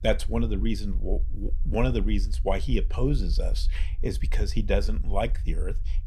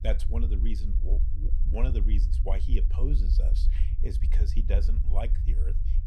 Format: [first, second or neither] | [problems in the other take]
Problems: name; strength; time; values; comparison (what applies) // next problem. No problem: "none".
first | low rumble; loud; throughout; 7 dB below the speech; faint in the first